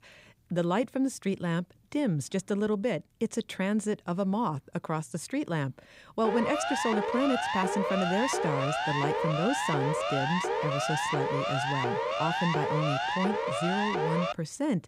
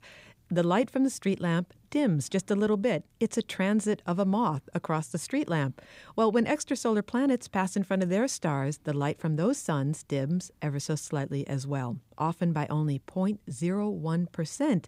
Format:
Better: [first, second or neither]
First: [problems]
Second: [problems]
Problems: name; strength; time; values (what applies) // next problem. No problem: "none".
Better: second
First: siren; loud; from 6 to 14 s; peak 2 dB above the speech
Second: none